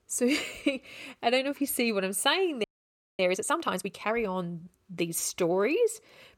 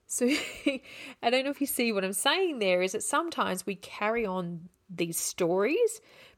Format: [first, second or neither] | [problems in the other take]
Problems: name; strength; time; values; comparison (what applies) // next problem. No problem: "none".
second | audio freezing; at 2.5 s for 0.5 s